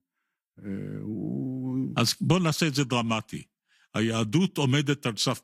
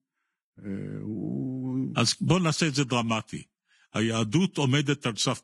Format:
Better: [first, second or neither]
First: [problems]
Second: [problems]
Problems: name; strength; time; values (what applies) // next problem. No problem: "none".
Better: first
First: garbled, watery; slightly; nothing above 14 kHz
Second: garbled, watery; badly; nothing above 10.5 kHz